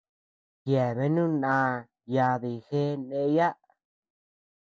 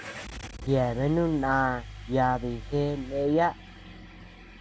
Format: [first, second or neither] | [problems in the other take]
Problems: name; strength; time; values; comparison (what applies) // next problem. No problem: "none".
first | background sound (Engine starting / Car); 13 dB below the speech